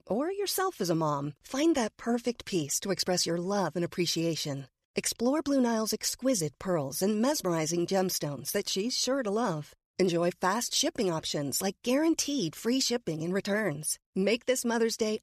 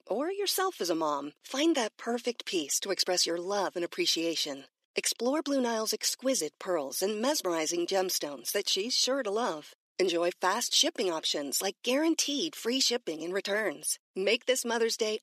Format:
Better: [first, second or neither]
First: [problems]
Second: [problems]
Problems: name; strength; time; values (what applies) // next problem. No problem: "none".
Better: first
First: none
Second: thin; very slightly; fading below 250 Hz